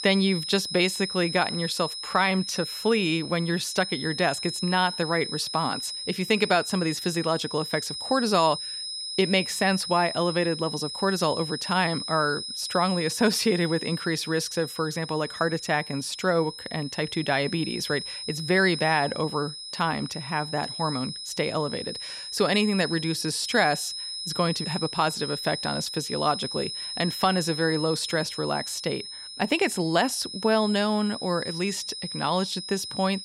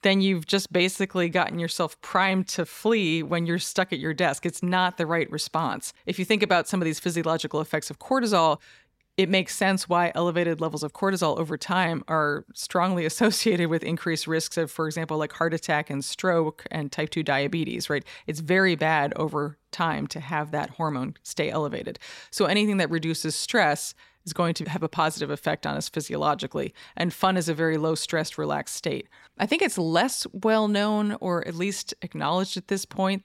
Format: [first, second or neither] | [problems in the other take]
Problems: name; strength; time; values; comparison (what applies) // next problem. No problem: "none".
second | high-pitched whine; loud; throughout; 5 kHz, 7 dB below the speech